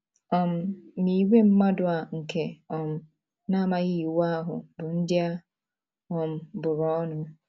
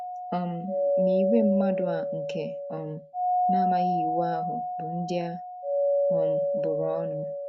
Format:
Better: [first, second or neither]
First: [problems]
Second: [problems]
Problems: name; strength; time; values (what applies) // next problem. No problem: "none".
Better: first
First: none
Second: background sound (Doorbell); 4 dB above the speech